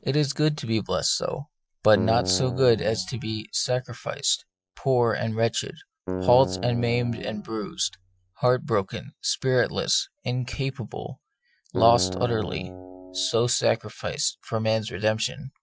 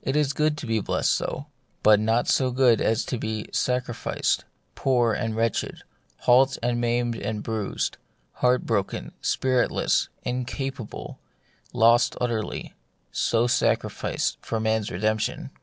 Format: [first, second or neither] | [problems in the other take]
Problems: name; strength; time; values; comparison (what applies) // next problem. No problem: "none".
second | noise reduction (classical method Wiener filter)